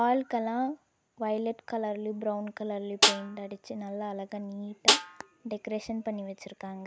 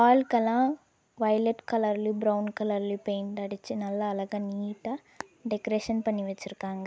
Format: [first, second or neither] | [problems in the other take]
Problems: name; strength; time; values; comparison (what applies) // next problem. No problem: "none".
second | background sound (Snare drum); 4 dB above the speech